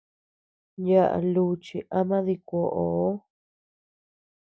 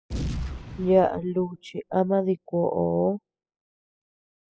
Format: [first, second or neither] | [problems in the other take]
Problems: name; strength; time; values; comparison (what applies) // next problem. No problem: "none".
first | noise reduction (classical method spectral subtraction)